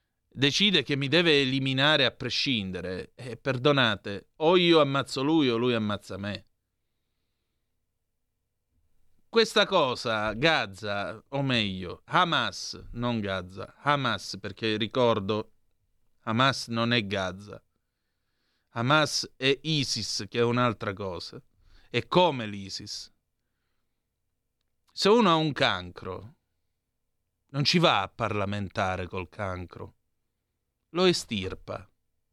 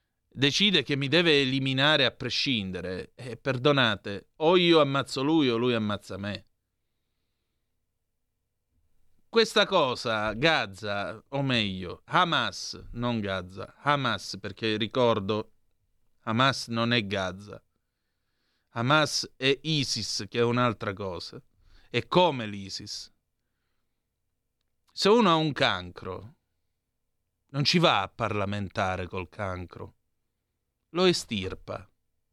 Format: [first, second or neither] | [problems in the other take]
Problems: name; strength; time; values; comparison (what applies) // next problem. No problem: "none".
neither | none